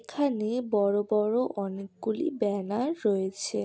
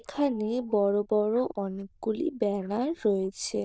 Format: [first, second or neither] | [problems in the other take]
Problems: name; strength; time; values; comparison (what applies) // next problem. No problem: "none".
first | noise reduction (neural diffusion model UNIVERSE++)